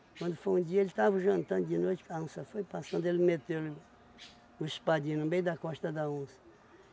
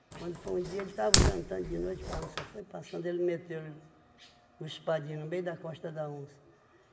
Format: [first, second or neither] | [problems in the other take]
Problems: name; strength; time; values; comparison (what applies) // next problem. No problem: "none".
first | background sound (Fire); 5 dB above the speech // room echo; dies away in 1 s